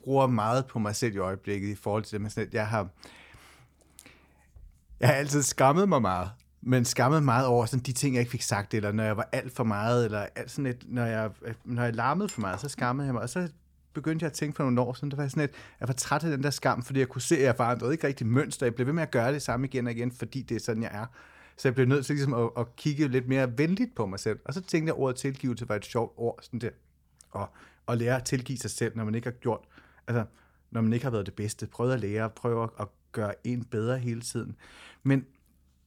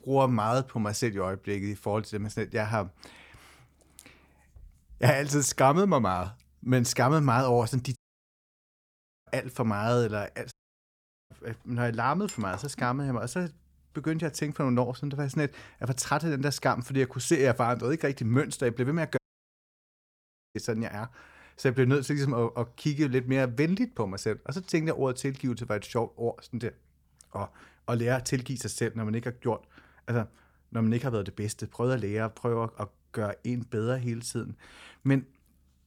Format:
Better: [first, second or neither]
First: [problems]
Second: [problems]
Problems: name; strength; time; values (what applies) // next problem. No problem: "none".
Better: first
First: none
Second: audio cutting out; at 8 s for 1.5 s, at 11 s for 1 s and at 19 s for 1.5 s